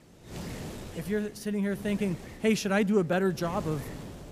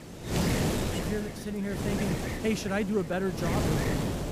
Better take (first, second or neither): first